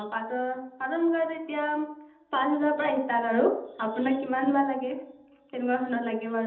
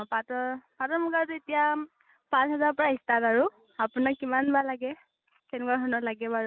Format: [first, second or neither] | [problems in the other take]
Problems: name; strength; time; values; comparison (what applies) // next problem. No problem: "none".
second | room echo; dies away in 1.2 s